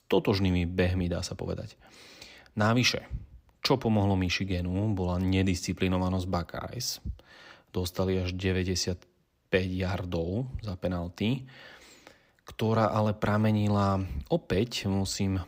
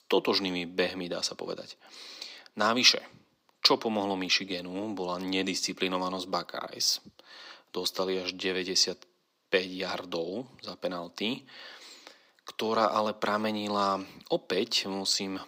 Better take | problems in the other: first | thin; somewhat; fading below 250 Hz

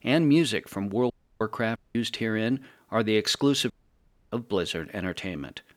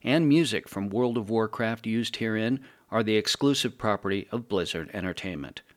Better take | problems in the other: second | audio cutting out; at 1 s, at 2 s and at 3.5 s for 0.5 s

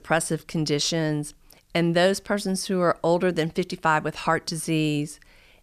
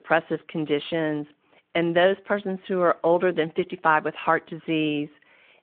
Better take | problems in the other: first | phone-call audio

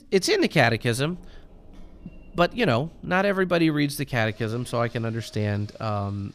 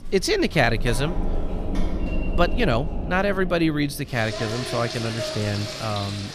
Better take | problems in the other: first | household noises; loud; throughout; 7 dB below the speech; faint in the first

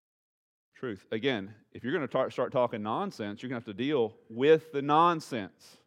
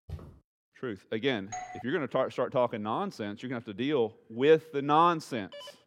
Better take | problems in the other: first | footsteps; faint; at the start; peak 15 dB below the speech // doorbell; faint; at 1.5 s; peak 10 dB below the speech // phone ringing; faint; at 5.5 s; peak 15 dB below the speech

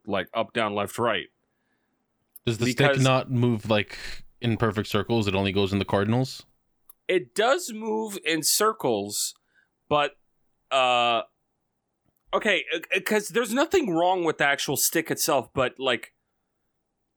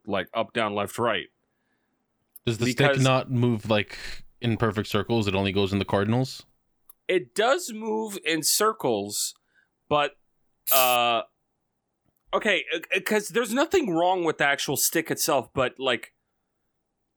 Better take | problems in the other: first | jangling keys; loud; at 11 s; peak 3 dB above the speech

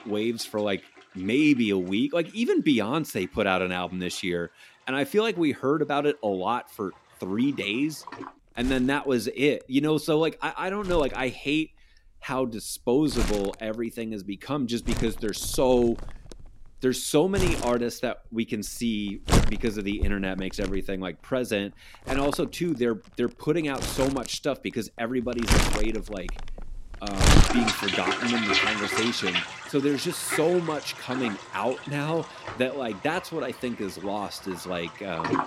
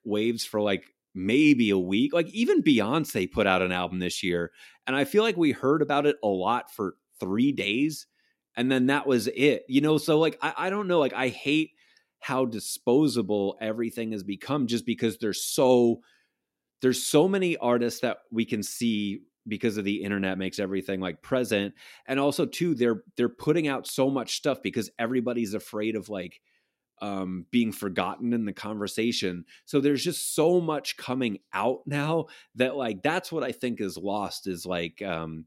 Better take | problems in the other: second | household noises; loud; throughout; 2 dB below the speech

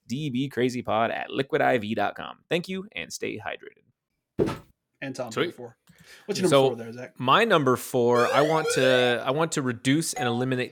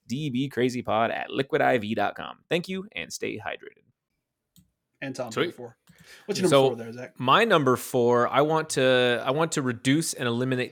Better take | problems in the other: second | footsteps; noticeable; at 4.5 s; peak 4 dB below the speech // siren; noticeable; at 8 s; peak 3 dB below the speech // doorbell; noticeable; at 10 s; peak 10 dB below the speech

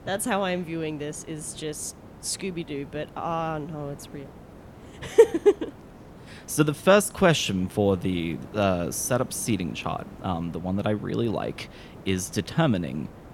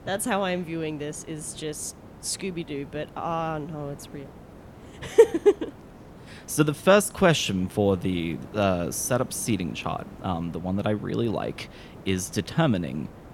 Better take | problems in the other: neither | hiss; noticeable; throughout; 20 dB below the speech; the same in both

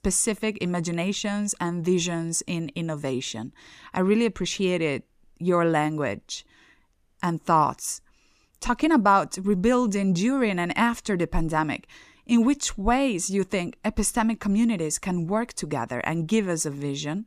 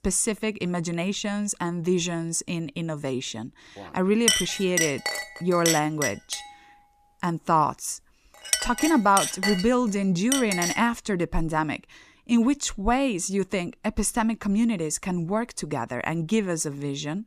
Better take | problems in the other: first | clattering dishes; loud; from 4.5 to 11 s; peak 4 dB above the speech

